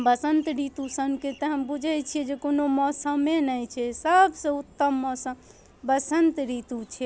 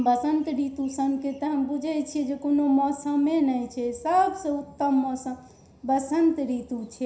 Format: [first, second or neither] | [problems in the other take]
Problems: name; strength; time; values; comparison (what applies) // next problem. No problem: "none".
first | room echo; dies away in 0.5 s